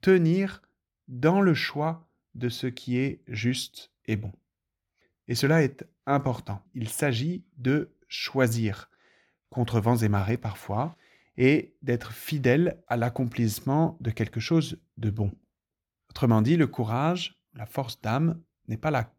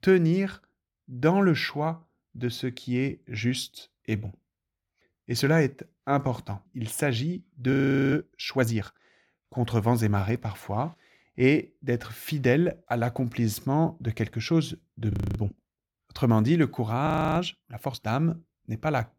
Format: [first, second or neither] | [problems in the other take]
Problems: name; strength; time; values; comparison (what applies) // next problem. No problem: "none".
first | audio freezing; at 7.5 s, at 15 s and at 17 s